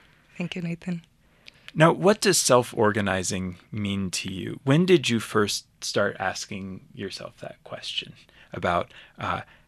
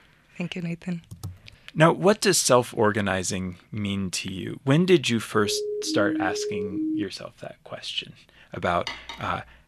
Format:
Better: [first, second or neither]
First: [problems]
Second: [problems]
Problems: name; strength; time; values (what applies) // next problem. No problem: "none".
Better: first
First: none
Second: keyboard typing; faint; at 1 s; peak 15 dB below the speech // siren; noticeable; from 5.5 to 7 s; peak 3 dB below the speech // clattering dishes; faint; at 9 s; peak 10 dB below the speech